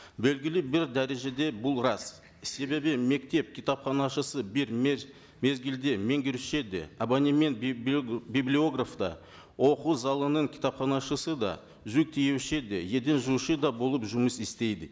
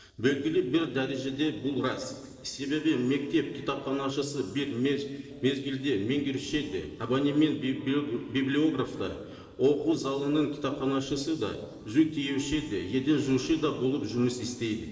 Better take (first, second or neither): first